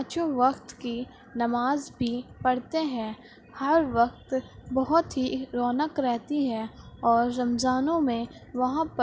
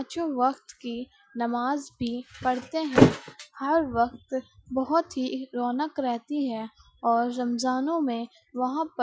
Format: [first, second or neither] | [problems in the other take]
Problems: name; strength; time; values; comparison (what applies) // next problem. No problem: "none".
first | noise reduction (classical method Wiener filter)